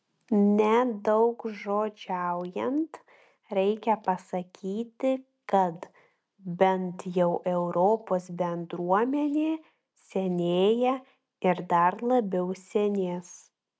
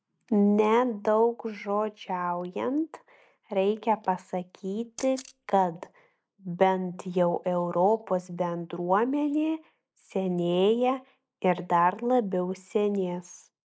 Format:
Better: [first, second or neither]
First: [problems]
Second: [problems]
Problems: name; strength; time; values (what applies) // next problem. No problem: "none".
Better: first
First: none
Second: noise reduction (neural mask model Resemble Enhance denoiser)